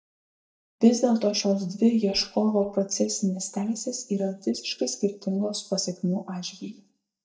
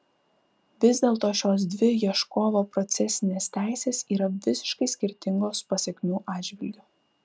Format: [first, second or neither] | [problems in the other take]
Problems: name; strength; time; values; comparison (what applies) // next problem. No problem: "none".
second | noise reduction (neural mask model DeepFilterNet 3)